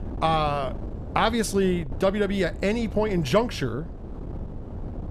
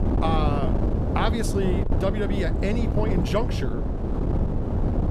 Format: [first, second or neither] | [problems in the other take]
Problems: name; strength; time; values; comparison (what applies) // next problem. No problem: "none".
first | wind noise on the microphone; heavy; 3 dB below the speech; occasional gusts in the first